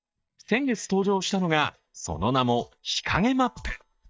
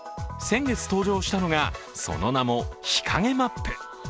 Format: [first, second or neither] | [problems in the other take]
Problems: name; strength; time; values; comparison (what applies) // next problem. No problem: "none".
second | noise reduction (neural mask model DeepFilterNet 3)